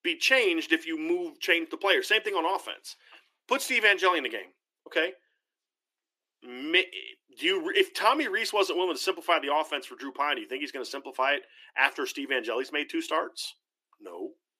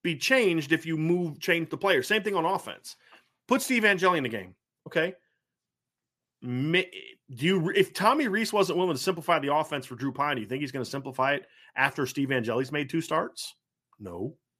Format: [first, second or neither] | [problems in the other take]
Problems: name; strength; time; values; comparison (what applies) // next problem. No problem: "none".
second | thin; somewhat; fading below 300 Hz